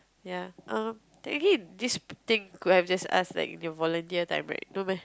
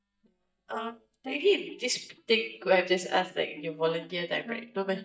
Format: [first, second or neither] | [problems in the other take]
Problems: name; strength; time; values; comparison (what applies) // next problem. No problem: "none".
first | noise reduction (neural mask model DeepFilterNet 3)